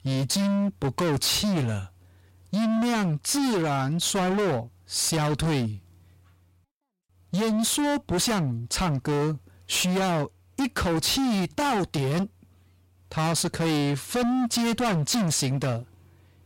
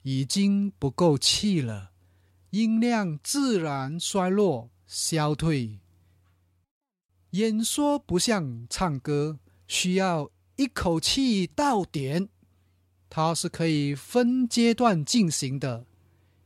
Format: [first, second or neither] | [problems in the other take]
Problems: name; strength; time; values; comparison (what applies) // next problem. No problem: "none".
second | distortion; heavy; 32% of the sound clipped